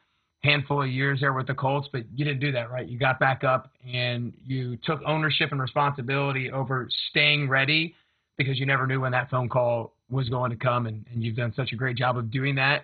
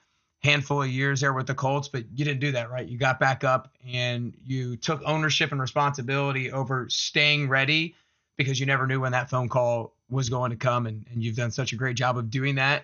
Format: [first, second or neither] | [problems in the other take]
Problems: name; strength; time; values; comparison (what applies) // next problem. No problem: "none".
second | garbled, watery; badly; nothing above 4 kHz; slightly in the second